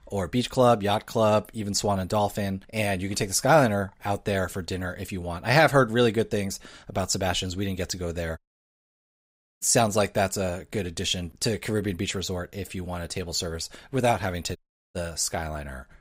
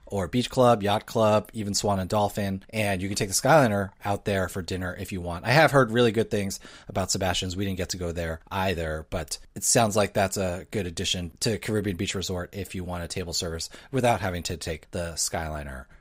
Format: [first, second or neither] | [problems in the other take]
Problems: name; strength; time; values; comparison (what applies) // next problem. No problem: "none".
second | audio cutting out; at 8.5 s for 1 s and at 15 s